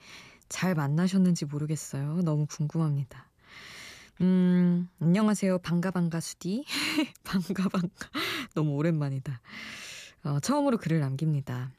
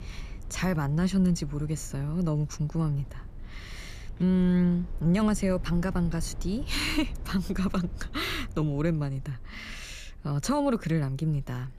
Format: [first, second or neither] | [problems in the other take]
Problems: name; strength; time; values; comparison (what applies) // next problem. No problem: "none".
first | low rumble; faint; throughout; 20 dB below the speech